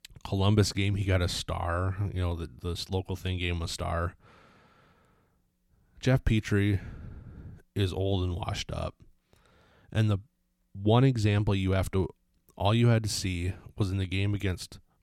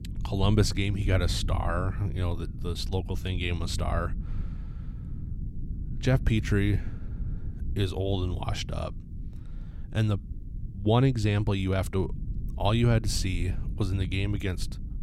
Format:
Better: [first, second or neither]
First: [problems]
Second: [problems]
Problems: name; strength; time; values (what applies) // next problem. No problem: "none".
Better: first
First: none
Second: low rumble; noticeable; throughout; 20 dB below the speech